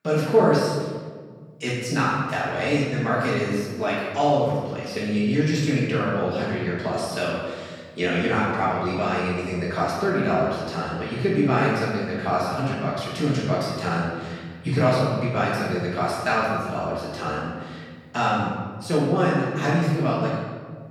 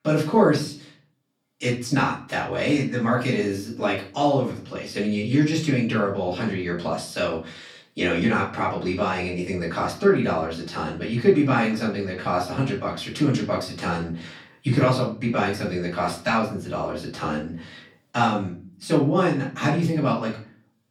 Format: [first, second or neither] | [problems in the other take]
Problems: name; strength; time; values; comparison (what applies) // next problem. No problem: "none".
second | room echo; strong; dies away in 1.4 s; slight in the second // off-mic speech; far; far in the second